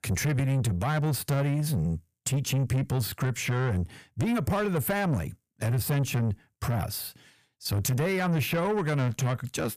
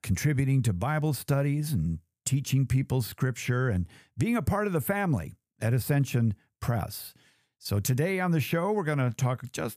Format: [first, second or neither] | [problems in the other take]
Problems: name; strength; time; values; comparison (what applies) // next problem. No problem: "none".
second | distortion; slight; 10 dB below the speech